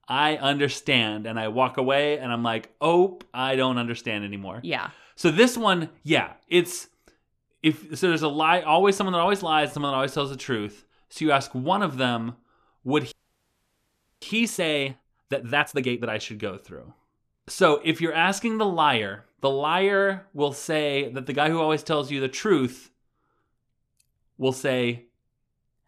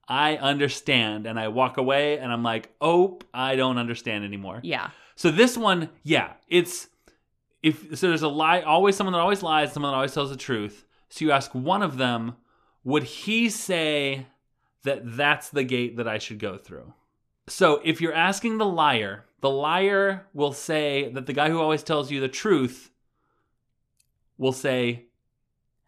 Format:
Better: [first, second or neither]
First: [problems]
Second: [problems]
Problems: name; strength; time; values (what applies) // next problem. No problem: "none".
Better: second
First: audio freezing; at 13 s for 1 s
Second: none